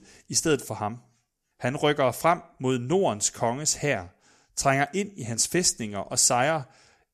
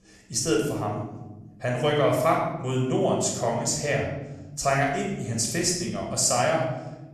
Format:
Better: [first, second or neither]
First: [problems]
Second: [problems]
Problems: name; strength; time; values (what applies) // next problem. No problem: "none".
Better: first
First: none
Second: off-mic speech; somewhat distant // room echo; noticeable; dies away in 1.3 s